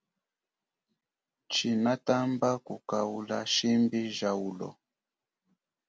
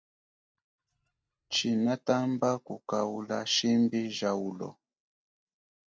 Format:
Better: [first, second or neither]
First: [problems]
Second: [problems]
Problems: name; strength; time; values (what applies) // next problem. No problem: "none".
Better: first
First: none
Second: noise reduction (neural mask model DeepFilterNet 3)